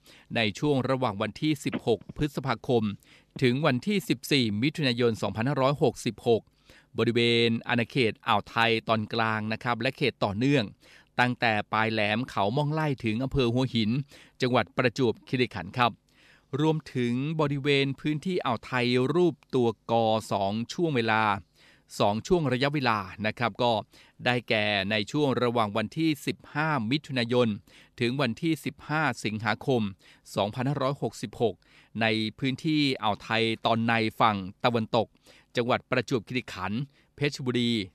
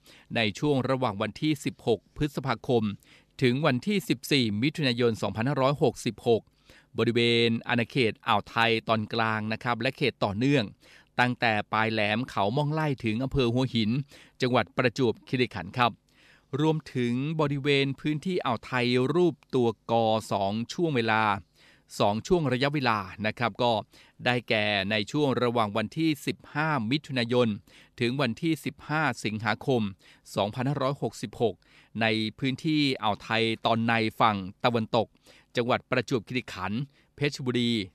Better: second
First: phone ringing; faint; from 1.5 to 3.5 s; peak 10 dB below the speech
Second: none

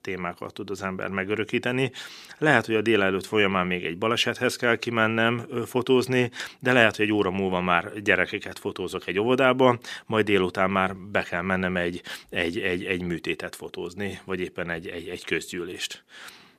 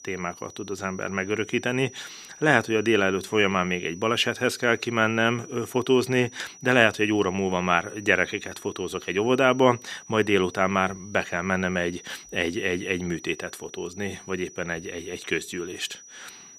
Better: first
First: none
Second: high-pitched whine; noticeable; throughout; 6 kHz, 20 dB below the speech

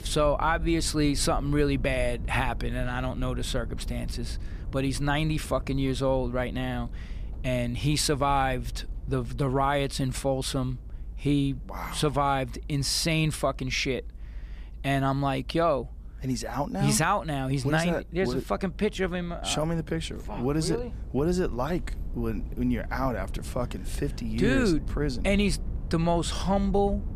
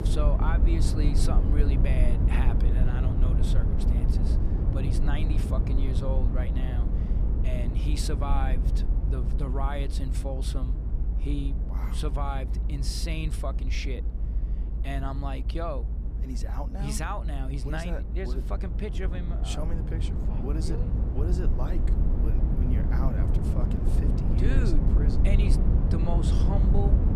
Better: first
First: low rumble; faint; throughout; 25 dB below the speech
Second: low rumble; loud; throughout; 3 dB below the speech

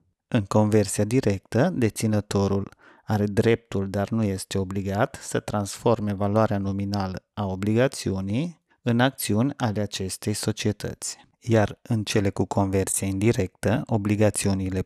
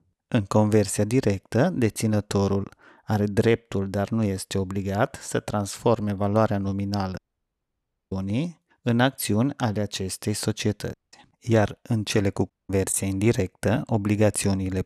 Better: first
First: none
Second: audio cutting out; at 7 s for 1 s, at 11 s and at 13 s

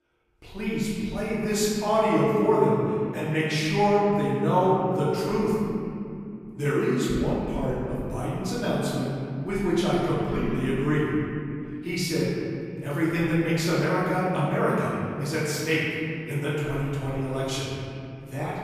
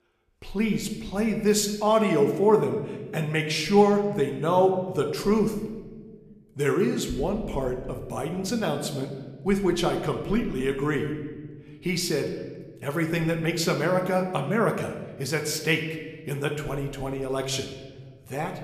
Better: second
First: room echo; strong; dies away in 2.8 s // off-mic speech; far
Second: room echo; slight; dies away in 1.2 s

